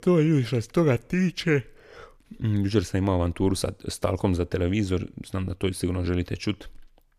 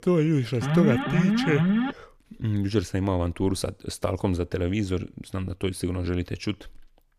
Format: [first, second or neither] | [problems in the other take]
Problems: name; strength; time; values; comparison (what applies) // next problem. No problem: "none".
first | alarm; loud; from 0.5 to 2 s; peak 4 dB above the speech